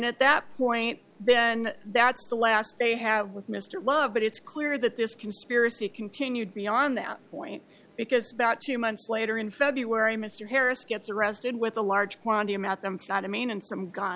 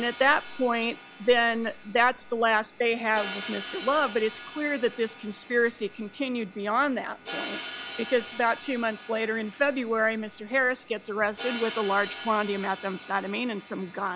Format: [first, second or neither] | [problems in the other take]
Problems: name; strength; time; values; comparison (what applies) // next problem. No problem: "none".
first | background sound (Crash cymbal); 14 dB below the speech